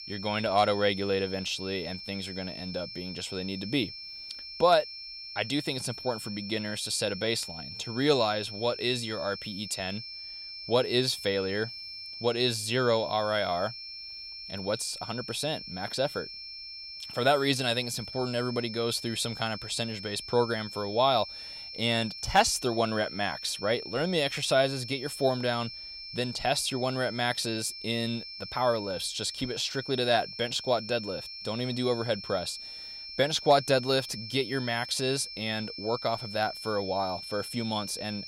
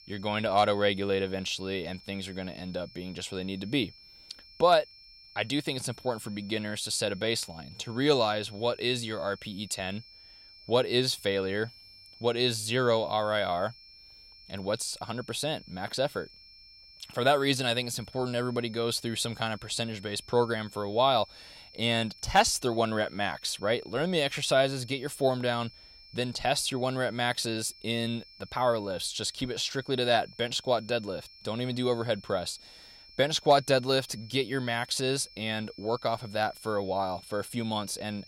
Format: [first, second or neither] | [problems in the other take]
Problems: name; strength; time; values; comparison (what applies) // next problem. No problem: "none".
second | high-pitched whine; loud; throughout; 5.5 kHz, 10 dB below the speech; faint in the second